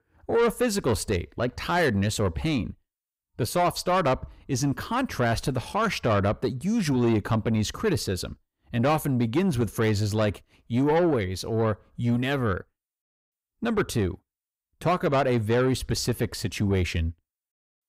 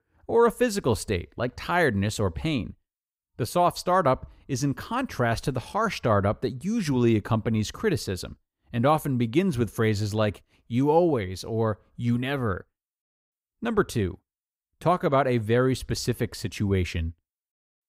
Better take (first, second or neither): second